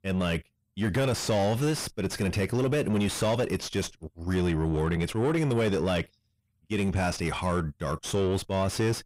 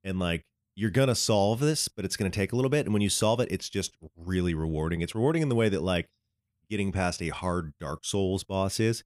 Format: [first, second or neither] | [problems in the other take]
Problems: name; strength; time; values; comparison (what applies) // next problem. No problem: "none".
second | distortion; heavy; 6 dB below the speech